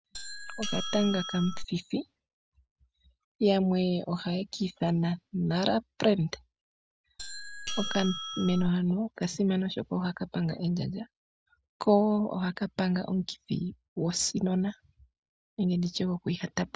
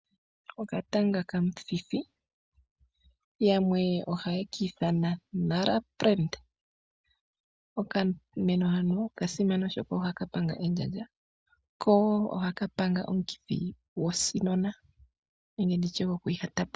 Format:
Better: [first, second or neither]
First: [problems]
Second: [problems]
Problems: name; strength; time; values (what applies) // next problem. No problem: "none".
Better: second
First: background sound (Doorbell); 5 dB below the speech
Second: none